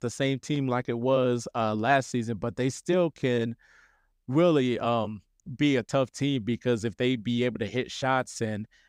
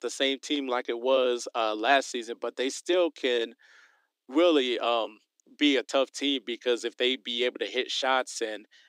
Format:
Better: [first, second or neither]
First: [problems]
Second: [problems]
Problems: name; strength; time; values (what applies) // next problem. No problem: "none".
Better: first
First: none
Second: thin; very slightly; fading below 300 Hz